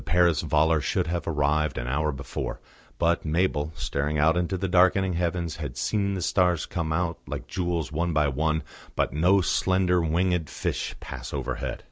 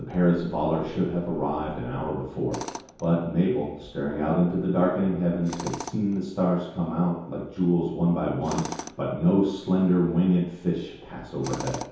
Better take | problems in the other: first | background sound (Tools); 18 dB below the speech // room echo; dies away in 0.8 s

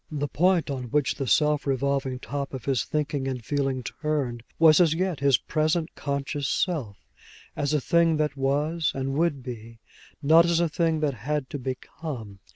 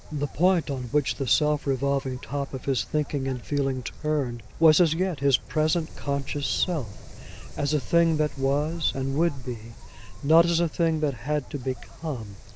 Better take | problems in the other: first | background sound (Wind); 11 dB below the speech

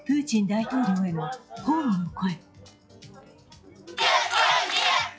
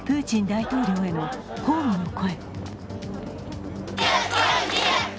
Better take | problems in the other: second | noise reduction (classical method log-MMSE)

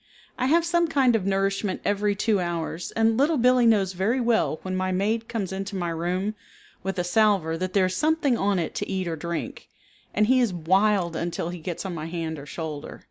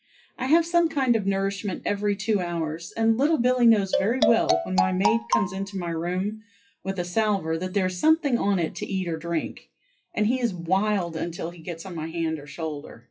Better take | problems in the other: first | noise reduction (classical method WPE with log-MMSE)

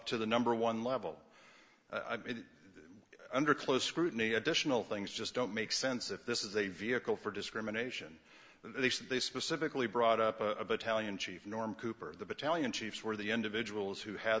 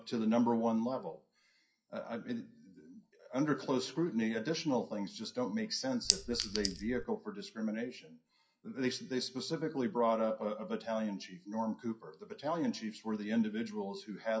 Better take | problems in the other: first | noise reduction (classical method WPE with log-MMSE)

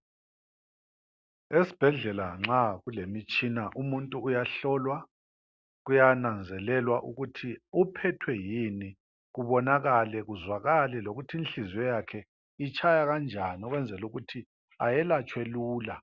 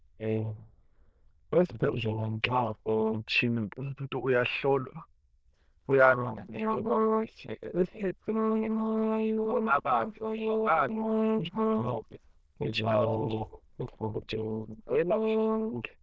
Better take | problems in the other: first | noise reduction (neural diffusion model UNIVERSE++)

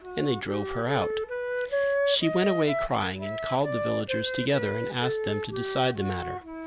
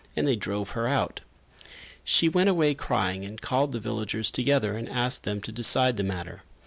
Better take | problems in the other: second | background sound (Wind instrument, woodwind instrument); 2 dB below the speech

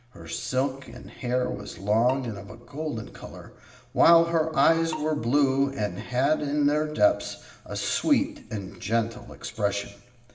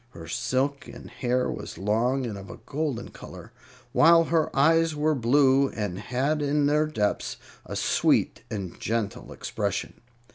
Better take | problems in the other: second | background sound (Bowed string instrument); 19 dB below the speech // room echo; dies away in 0.8 s

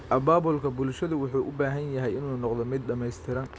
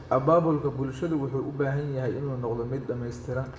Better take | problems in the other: first | room echo; dies away in 0.8 s

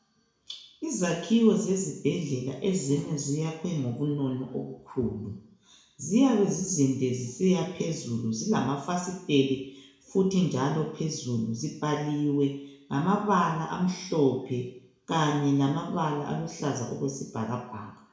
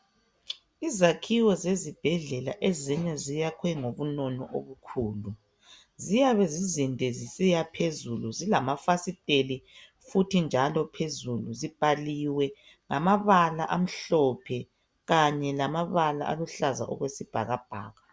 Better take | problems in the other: second | room echo; dies away in 0.6 s

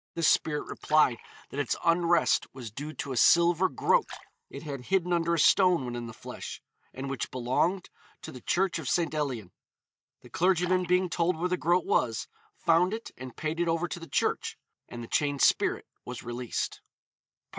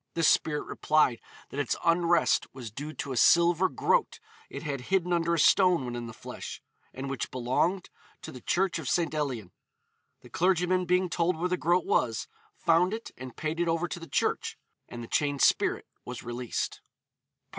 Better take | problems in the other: second | noise reduction (neural mask model DeepFilterNet 3)

